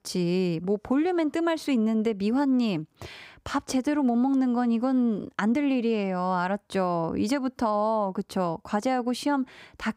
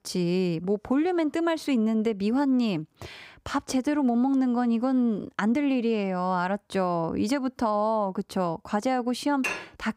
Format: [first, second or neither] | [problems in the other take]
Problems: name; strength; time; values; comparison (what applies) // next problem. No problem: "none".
first | clattering dishes; noticeable; at 9.5 s; peak 5 dB below the speech